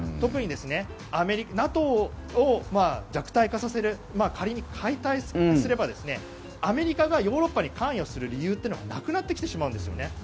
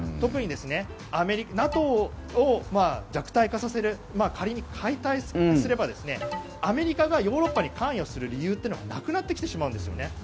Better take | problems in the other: first | background sound (Alarm); 12 dB below the speech

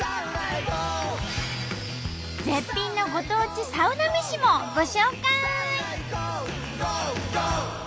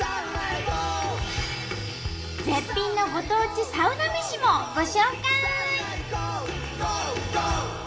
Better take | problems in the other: first | room echo; dies away in 2.6 s

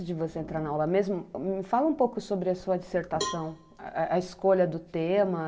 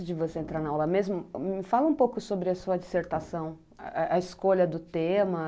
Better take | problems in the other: second | background sound (Cowbell); 13 dB below the speech // room echo; dies away in 0.3 s

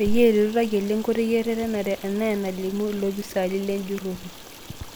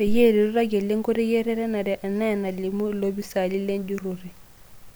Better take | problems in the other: second | background sound (Stream); 18 dB below the speech

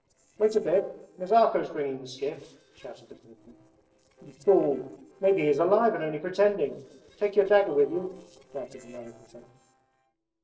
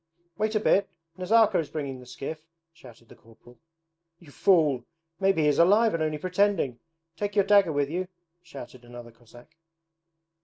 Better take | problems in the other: second | noise reduction (neural separator model SepFormer DNS4)

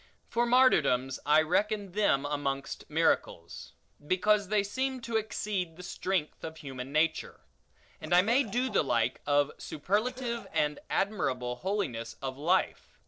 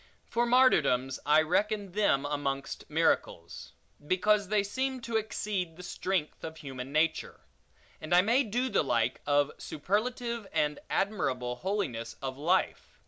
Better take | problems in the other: second | noise reduction (neural separator model SepFormer DNS4)

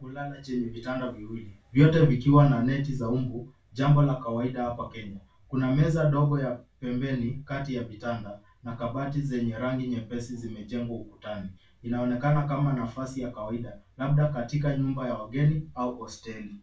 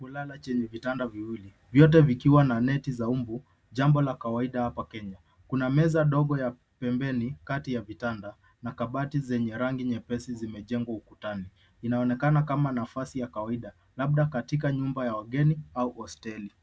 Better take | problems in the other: second | room echo; dies away in 0.2 s

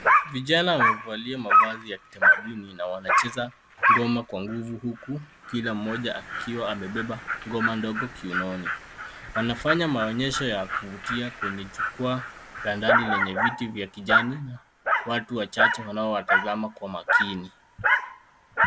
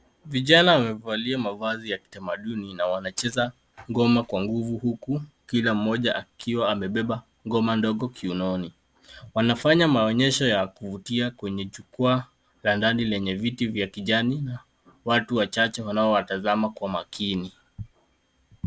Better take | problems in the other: second | background sound (Dog); 3 dB above the speech

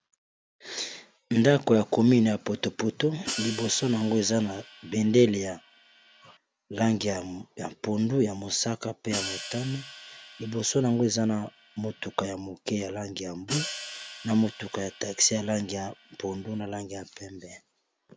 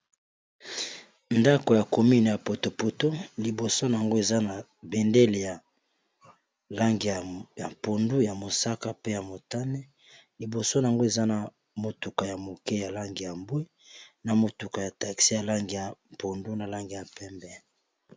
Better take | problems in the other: second | background sound (Hi-hat); 13 dB below the speech

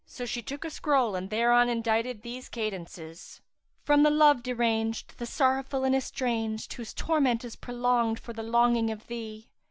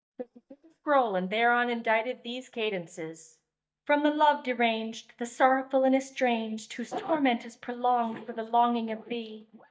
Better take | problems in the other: first | noise reduction (neural mask model DeepFilterNet 3)

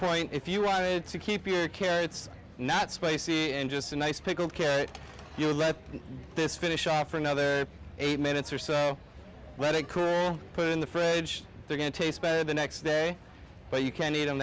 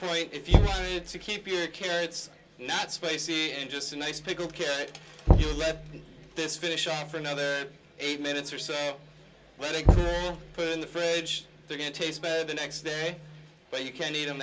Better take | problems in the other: first | background sound (Knock); 4 dB above the speech // room echo; dies away in 0.2 s

